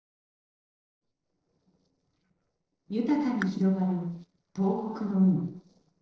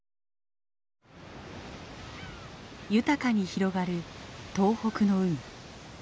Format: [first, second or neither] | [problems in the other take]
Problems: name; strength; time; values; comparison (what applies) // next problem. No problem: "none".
second | noise reduction (neural separator model SepFormer DNS4)